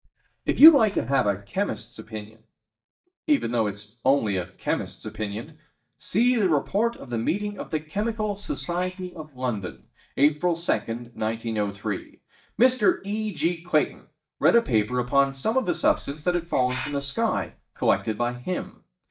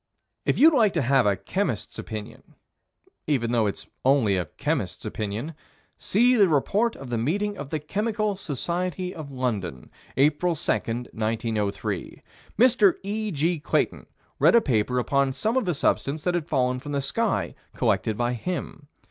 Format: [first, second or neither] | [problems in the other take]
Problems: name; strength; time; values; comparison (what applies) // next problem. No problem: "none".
second | noise reduction (neural mask model DeepFilterNet 3)